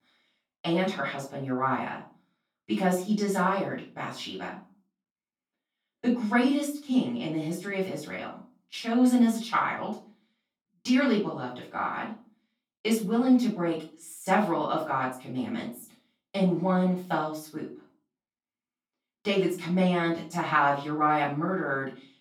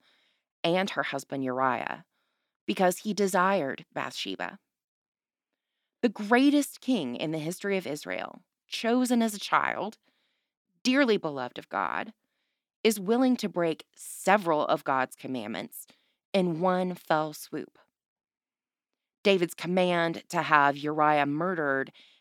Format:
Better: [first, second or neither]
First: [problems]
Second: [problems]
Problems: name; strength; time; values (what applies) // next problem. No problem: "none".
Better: second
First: off-mic speech; far // room echo; slight; dies away in 0.3 s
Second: none